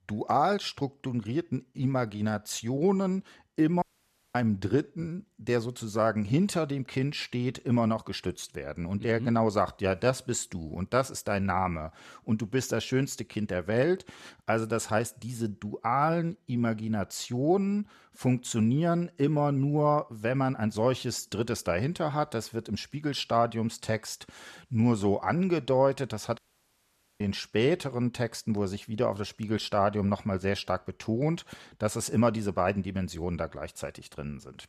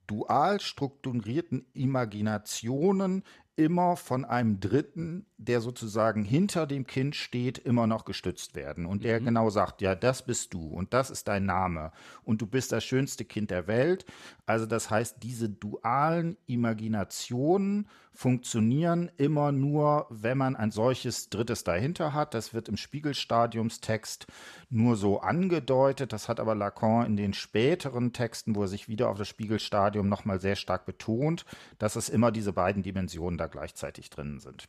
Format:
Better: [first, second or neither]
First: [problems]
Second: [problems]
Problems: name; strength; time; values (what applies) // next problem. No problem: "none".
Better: second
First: audio cutting out; at 4 s for 0.5 s and at 26 s for 1 s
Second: none